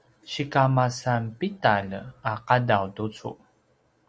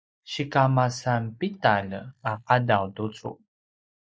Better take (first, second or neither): first